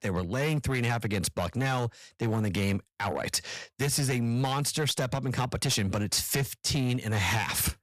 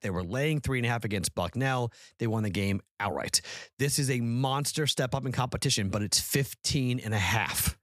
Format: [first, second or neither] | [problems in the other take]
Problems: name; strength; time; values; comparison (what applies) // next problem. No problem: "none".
second | distortion; slight; 12% of the sound clipped